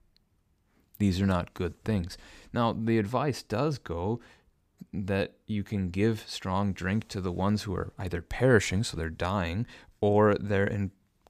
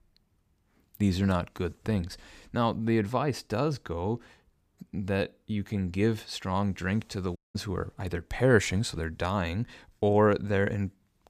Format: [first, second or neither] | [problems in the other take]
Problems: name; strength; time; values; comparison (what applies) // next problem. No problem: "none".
first | audio cutting out; at 7.5 s